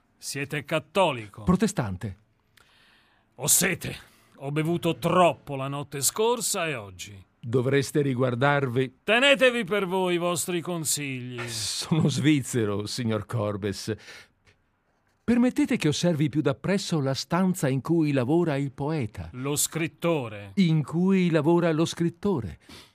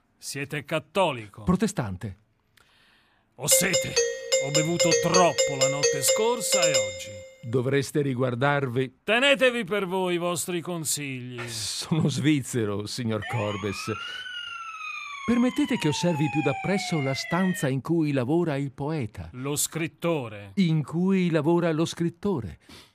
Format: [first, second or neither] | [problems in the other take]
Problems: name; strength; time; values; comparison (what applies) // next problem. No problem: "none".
first | doorbell; loud; from 3.5 to 7 s; peak 4 dB above the speech // siren; noticeable; from 13 to 18 s; peak 5 dB below the speech